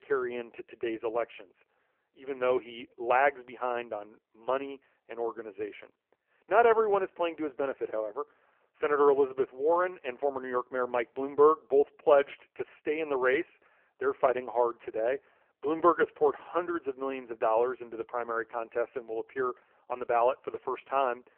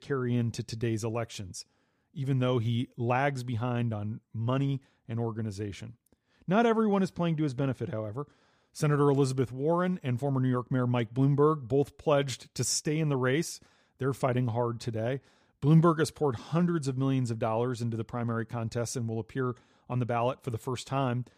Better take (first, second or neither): second